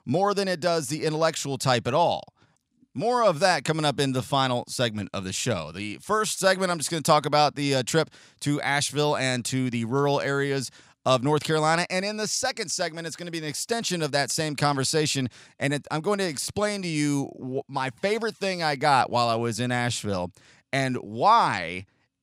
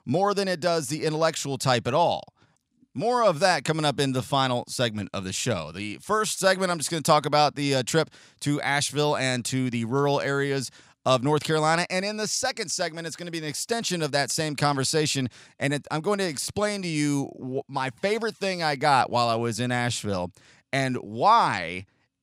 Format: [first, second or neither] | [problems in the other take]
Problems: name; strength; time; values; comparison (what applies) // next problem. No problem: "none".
neither | none